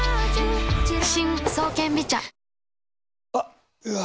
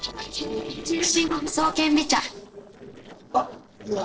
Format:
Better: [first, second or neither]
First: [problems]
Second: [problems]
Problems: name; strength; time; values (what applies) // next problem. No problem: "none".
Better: first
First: none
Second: noise reduction (neural separator model SepFormer DNS4)